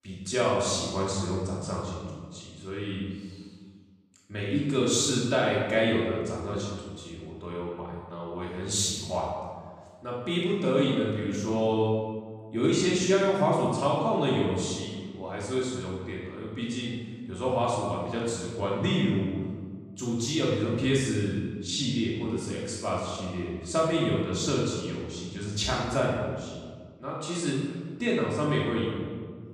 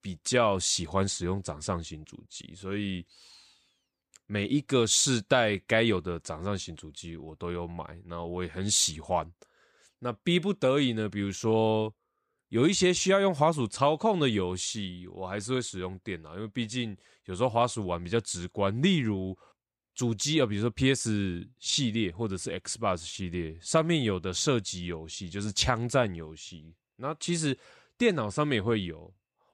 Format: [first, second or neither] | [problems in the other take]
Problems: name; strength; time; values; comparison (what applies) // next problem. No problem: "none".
second | off-mic speech; far // room echo; noticeable; dies away in 1.4 s